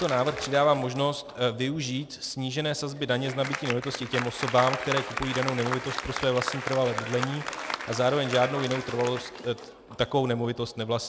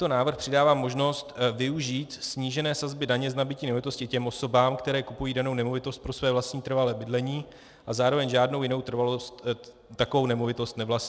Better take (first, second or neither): second